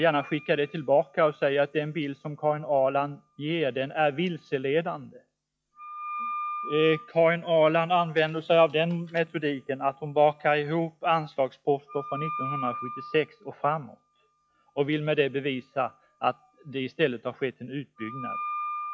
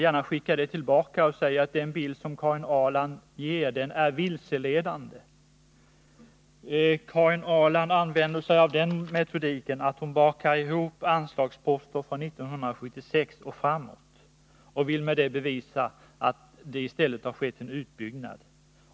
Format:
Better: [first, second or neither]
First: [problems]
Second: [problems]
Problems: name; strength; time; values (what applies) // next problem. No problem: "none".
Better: second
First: noise reduction (classical method log-MMSE)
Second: none